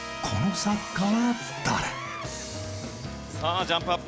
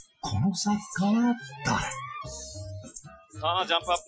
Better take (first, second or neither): first